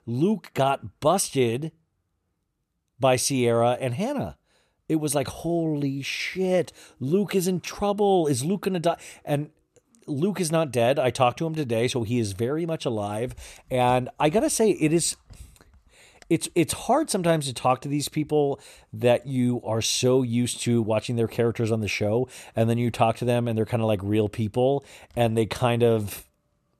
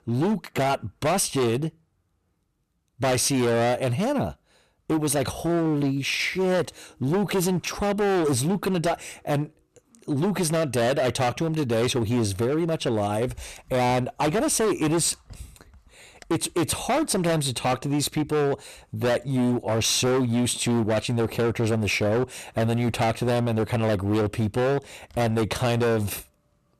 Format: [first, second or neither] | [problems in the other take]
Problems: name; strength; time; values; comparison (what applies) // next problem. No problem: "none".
first | distortion; heavy; 20% of the sound clipped